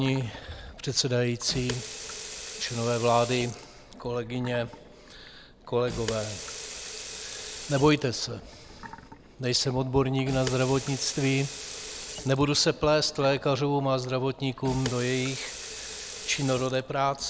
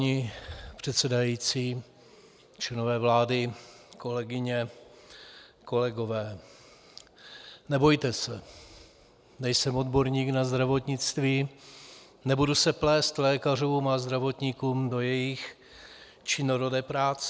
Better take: second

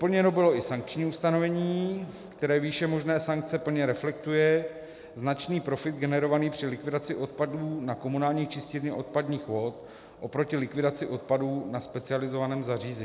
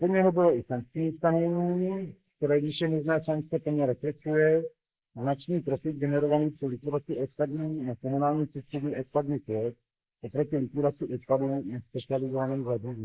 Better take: first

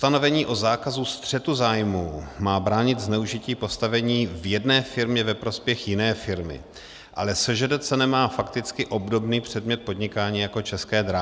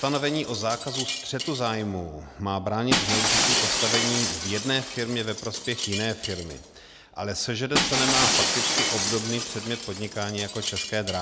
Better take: first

